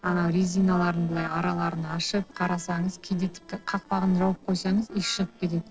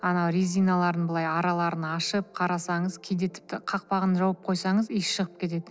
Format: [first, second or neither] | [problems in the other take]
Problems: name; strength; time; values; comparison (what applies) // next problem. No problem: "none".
second | noise reduction (neural separator model SepFormer DNS4)